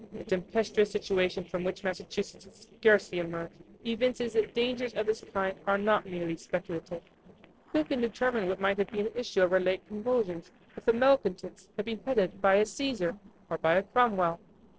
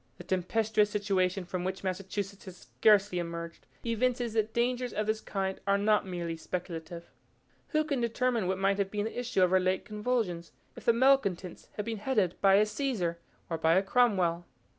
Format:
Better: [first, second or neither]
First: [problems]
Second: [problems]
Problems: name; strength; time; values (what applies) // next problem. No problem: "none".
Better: second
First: noise reduction (neural separator model SepFormer DNS4)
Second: none